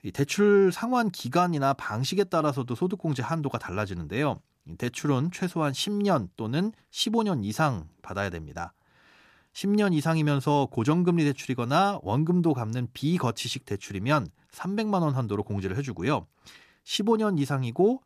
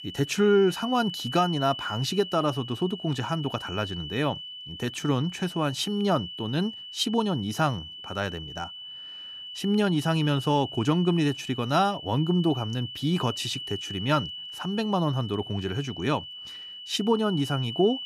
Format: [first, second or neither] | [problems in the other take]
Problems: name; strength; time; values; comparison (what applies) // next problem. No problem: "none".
first | high-pitched whine; loud; throughout; 3 kHz, 10 dB below the speech